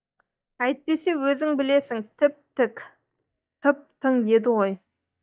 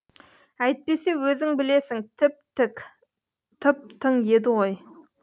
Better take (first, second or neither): second